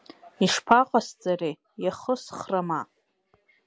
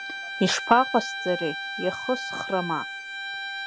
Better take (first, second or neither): first